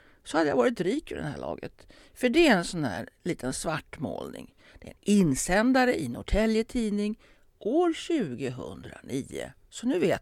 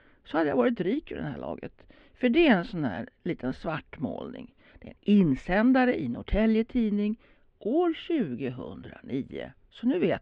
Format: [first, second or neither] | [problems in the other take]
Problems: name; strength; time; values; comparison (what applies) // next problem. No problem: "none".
first | muffled; very; fading above 3 kHz